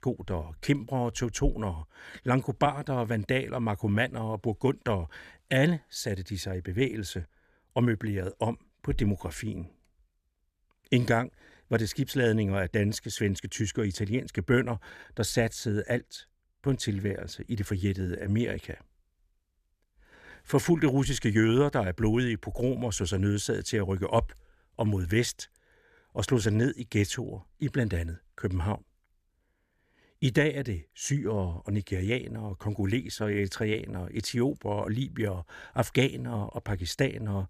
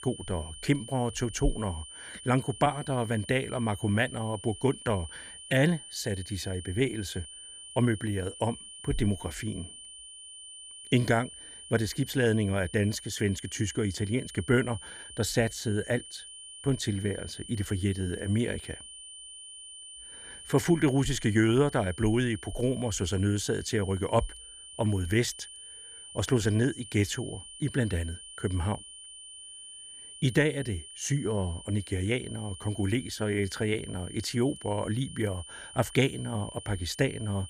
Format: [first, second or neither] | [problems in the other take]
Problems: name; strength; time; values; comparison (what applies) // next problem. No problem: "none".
first | high-pitched whine; noticeable; throughout; 3 kHz, 15 dB below the speech